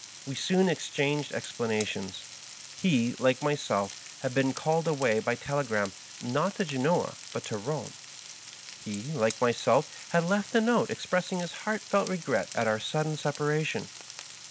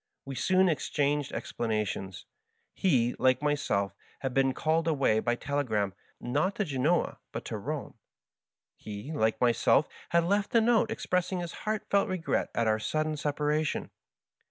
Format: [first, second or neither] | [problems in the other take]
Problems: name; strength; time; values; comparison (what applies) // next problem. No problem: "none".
second | background sound (Frying (food)); 15 dB below the speech